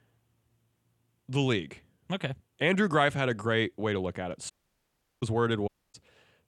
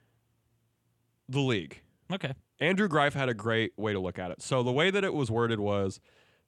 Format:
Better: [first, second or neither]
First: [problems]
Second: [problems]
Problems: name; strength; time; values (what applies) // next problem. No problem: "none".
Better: second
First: audio cutting out; at 4.5 s for 0.5 s and at 5.5 s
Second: none